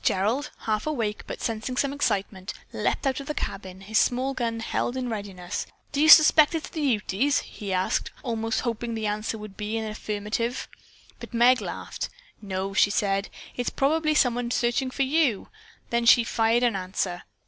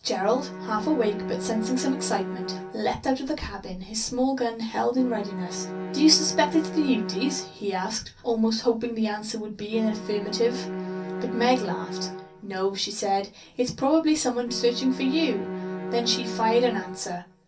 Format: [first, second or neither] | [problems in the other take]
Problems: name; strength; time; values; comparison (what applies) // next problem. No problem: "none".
first | background sound (Bowed string instrument); 9 dB below the speech // room echo; dies away in 0.3 s